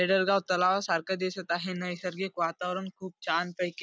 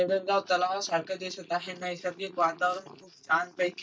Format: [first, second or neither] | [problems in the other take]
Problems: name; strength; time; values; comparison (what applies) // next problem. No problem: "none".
first | noise reduction (neural mask model DeepFilterNet 3)